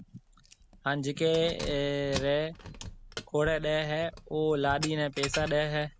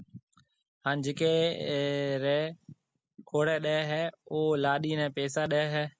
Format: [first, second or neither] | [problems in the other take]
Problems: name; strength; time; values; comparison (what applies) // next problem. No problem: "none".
second | background sound (Keys jangling); 11 dB below the speech